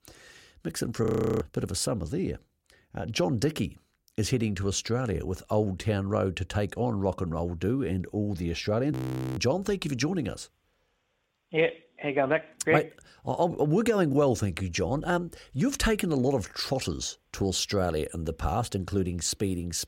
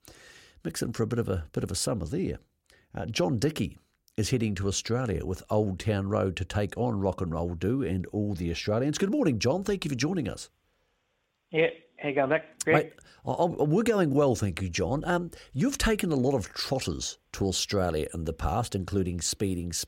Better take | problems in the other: second | audio freezing; at 1 s and at 9 s

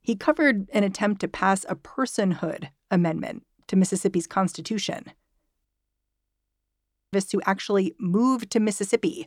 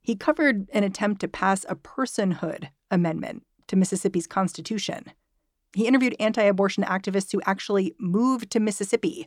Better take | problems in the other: second | audio freezing; at 5.5 s for 1.5 s

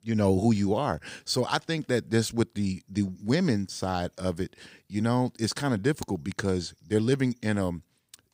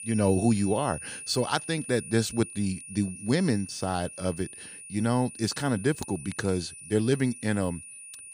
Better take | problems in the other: first | high-pitched whine; noticeable; throughout; 9.5 kHz, 10 dB below the speech

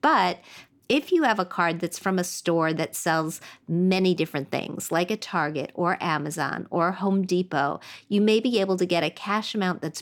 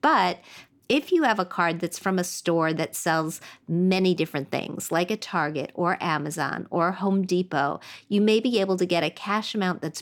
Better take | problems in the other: neither | none

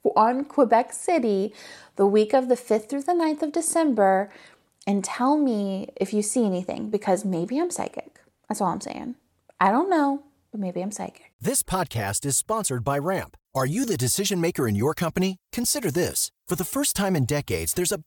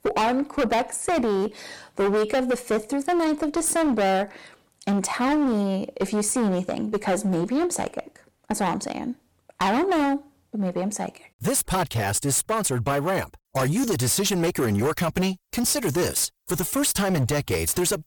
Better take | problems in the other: first | distortion; heavy; 17% of the sound clipped

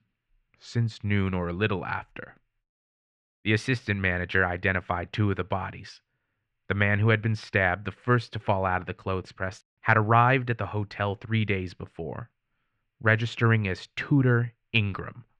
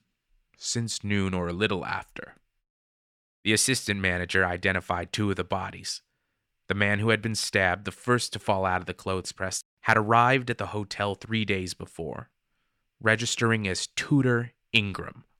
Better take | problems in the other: second | muffled; slightly; fading above 2.5 kHz

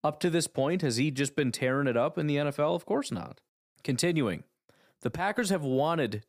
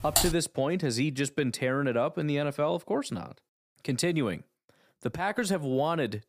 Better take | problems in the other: first | keyboard typing; loud; at the start; peak 3 dB above the speech

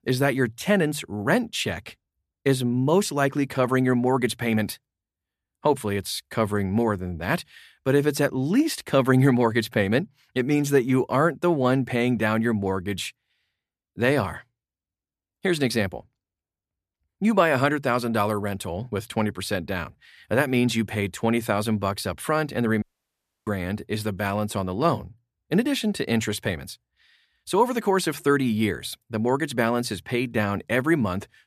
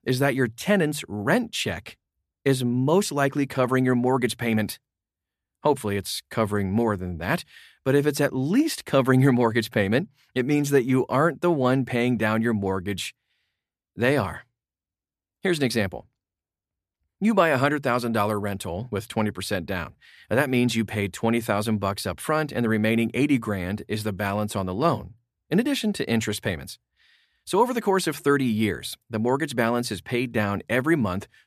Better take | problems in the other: second | audio cutting out; at 23 s for 0.5 s

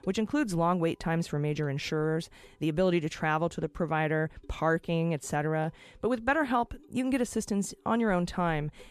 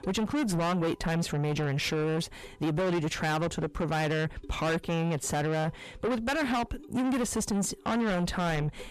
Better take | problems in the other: first | distortion; heavy; 5 dB below the speech

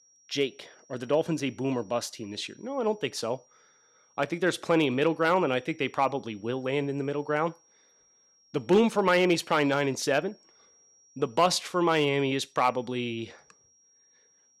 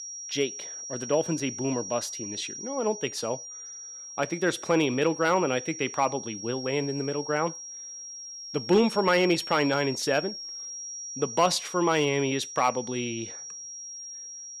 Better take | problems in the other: first | high-pitched whine; loud; throughout; 5.5 kHz, 9 dB below the speech; faint in the first

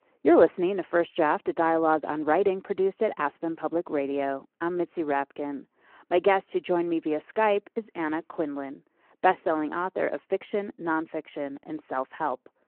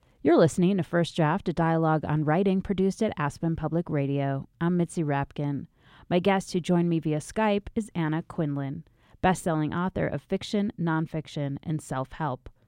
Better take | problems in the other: second | phone-call audio

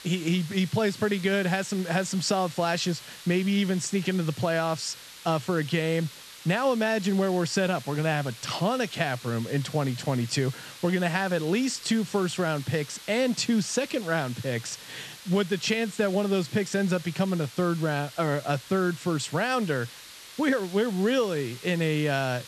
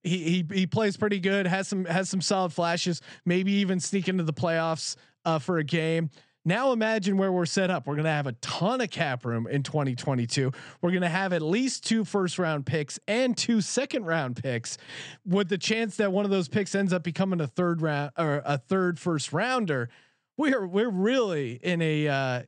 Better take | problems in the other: second | hiss; noticeable; throughout; 15 dB below the speech

